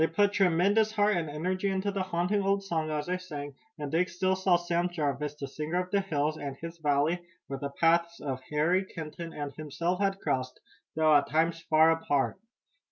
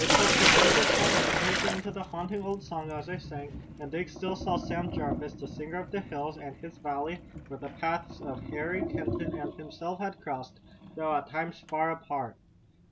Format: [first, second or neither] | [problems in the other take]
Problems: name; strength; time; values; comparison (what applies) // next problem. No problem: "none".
first | background sound (Sink (filling or washing)); 3 dB above the speech